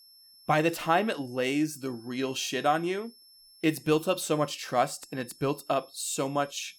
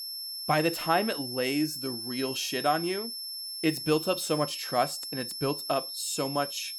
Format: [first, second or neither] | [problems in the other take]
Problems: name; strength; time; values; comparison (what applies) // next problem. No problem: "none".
first | high-pitched whine; loud; throughout; 5.5 kHz, 5 dB below the speech; faint in the first